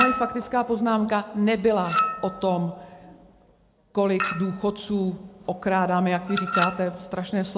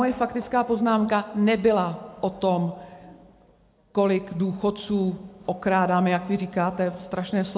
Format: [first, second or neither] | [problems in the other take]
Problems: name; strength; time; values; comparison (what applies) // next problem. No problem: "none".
second | background sound (Chink, clink); 7 dB below the speech